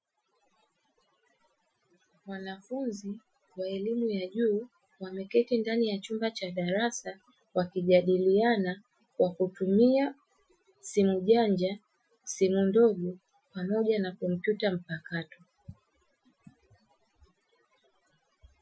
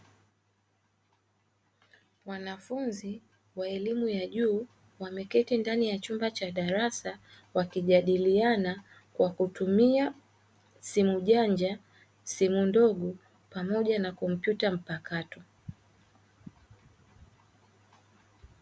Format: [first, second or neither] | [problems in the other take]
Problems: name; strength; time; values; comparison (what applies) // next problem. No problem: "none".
second | noise reduction (classical method Wiener filter)